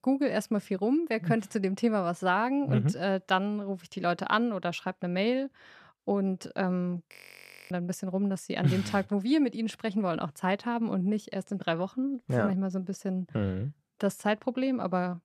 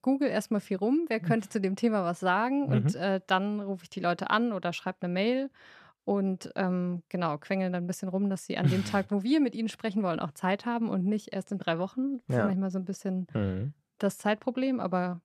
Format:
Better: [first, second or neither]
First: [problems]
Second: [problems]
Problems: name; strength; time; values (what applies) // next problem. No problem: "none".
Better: second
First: audio freezing; at 7 s for 0.5 s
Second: none